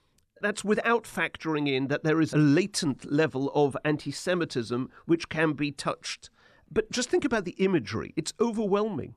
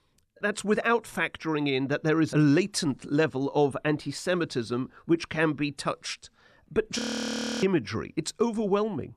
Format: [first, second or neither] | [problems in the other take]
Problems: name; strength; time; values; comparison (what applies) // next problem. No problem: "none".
first | audio freezing; at 7 s for 0.5 s